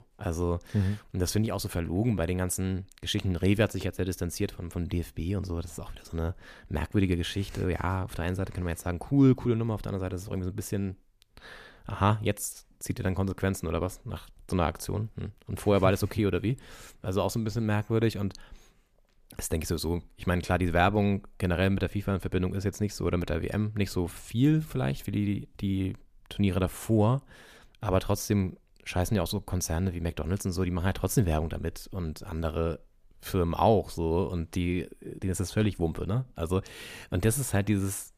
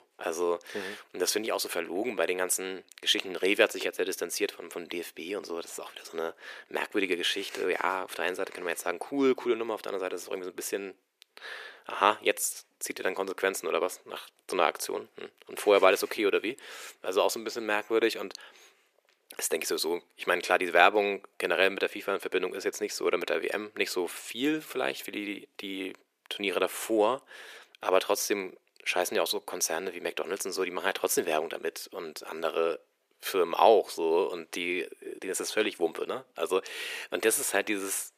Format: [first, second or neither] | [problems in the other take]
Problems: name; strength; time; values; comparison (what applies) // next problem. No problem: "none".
first | thin; very; fading below 400 Hz